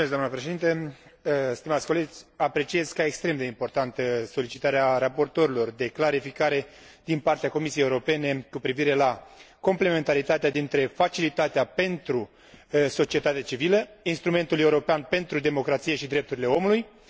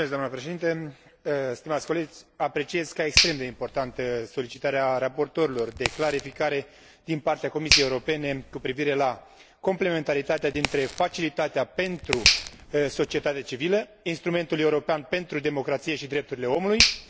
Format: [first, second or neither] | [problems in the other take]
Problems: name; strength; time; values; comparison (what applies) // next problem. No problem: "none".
first | background sound (Crack + Finger snapping); 5 dB below the speech